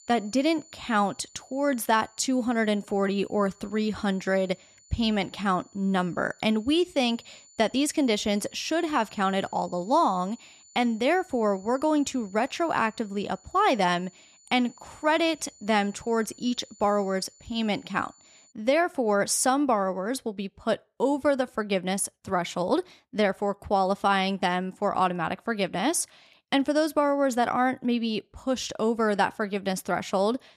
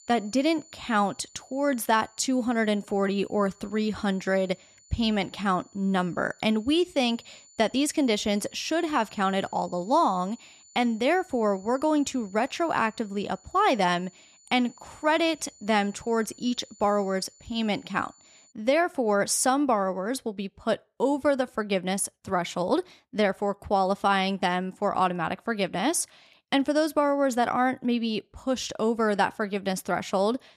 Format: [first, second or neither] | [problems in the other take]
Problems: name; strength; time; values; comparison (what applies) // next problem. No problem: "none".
neither | high-pitched whine; faint; until 19 s; 7 kHz, 25 dB below the speech; the same in both